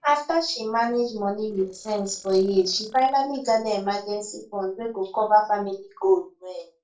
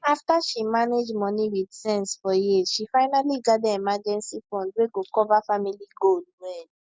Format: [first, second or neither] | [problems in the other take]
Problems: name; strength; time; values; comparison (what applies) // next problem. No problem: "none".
second | noise reduction (neural separator model SepFormer DNS4)